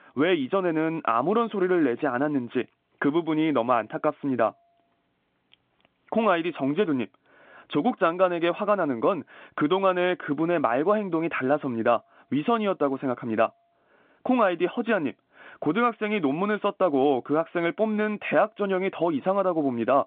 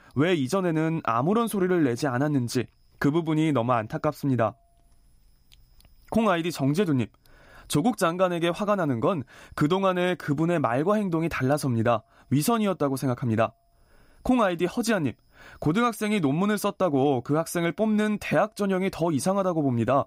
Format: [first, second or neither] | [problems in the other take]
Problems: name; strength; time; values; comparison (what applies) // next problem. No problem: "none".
second | phone-call audio; nothing above 3.5 kHz